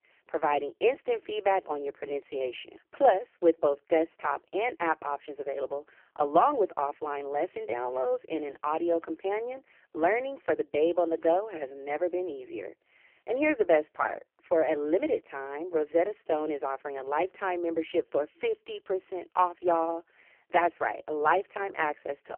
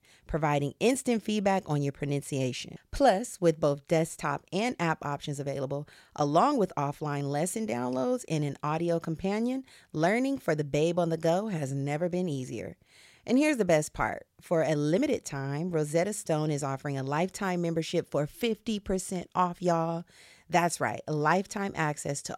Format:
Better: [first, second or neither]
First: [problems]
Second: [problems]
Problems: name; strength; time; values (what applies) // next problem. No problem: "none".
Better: second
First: phone-call audio; poor line; nothing above 3 kHz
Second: none